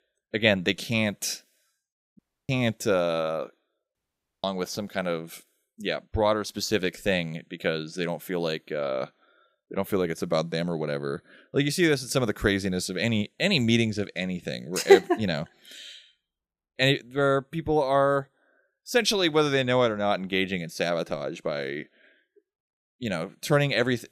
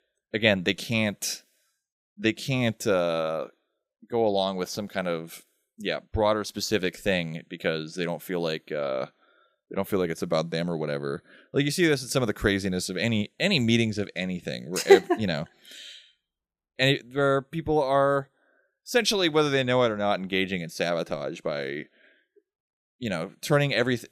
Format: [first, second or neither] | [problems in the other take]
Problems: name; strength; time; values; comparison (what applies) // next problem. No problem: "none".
second | audio cutting out; at 2 s and at 4 s